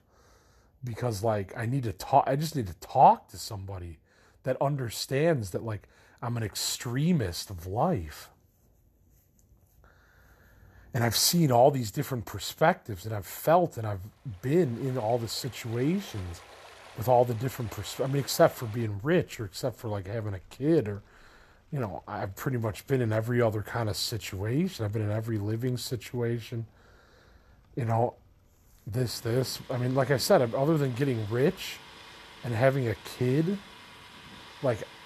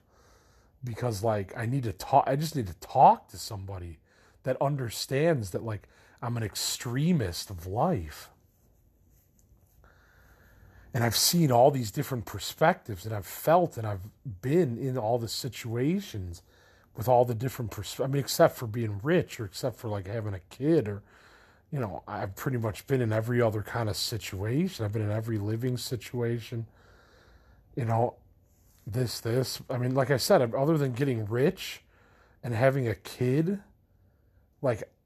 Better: second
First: rain or running water; noticeable; from 15 s on; 20 dB below the speech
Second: none

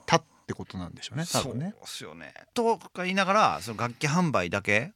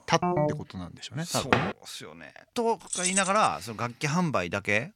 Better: first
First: none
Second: phone ringing; loud; at the start; peak 2 dB above the speech // door banging; loud; at 1.5 s; peak 2 dB above the speech // jangling keys; loud; at 3 s; peak 2 dB above the speech

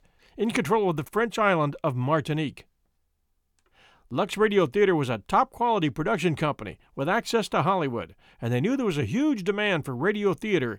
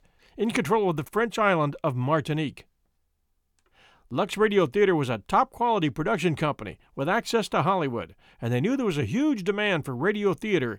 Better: neither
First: none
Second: none

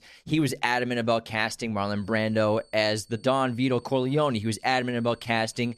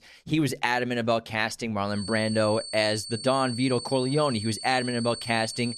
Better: first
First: high-pitched whine; faint; from 2 s on; 4.5 kHz, 30 dB below the speech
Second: high-pitched whine; loud; from 2 s on; 4.5 kHz, 9 dB below the speech

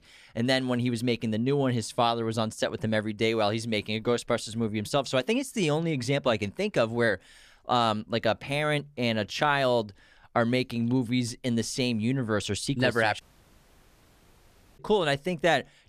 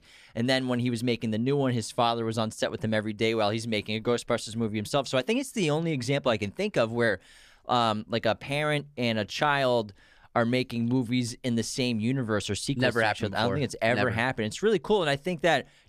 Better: second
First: audio cutting out; at 13 s for 1.5 s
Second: none

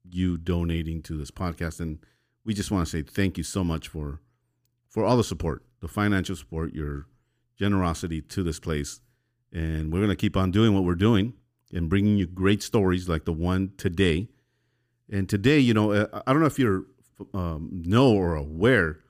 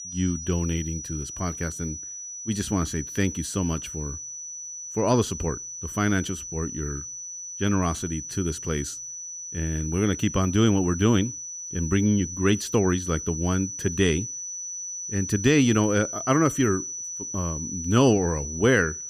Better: first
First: none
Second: high-pitched whine; loud; throughout; 6 kHz, 8 dB below the speech

